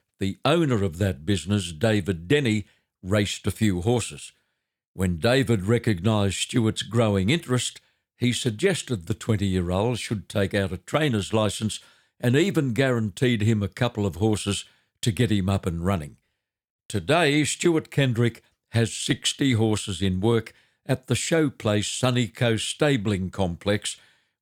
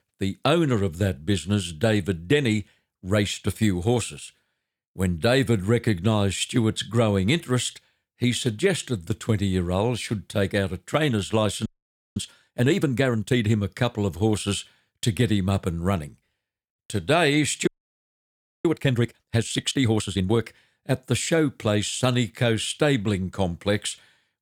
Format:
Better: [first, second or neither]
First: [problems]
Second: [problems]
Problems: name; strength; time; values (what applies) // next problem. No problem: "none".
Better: first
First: none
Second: audio freezing; at 12 s for 0.5 s and at 18 s for 1 s